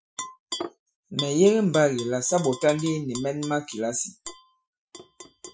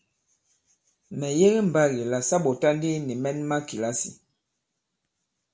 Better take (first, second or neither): second